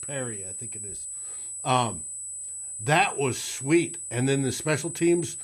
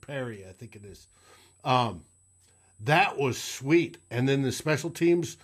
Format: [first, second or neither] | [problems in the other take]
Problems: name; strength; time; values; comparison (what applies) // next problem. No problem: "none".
second | high-pitched whine; loud; throughout; 8 kHz, 7 dB below the speech; faint in the second